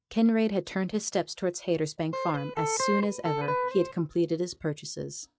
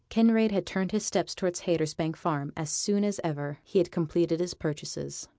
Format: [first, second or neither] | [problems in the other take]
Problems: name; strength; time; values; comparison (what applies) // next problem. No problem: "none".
second | noise reduction (classical method log-MMSE)